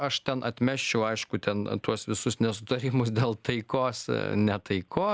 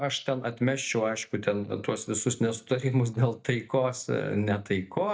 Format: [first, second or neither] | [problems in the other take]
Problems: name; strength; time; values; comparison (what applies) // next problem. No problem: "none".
first | noise reduction (neural mask model DeepFilterNet 3)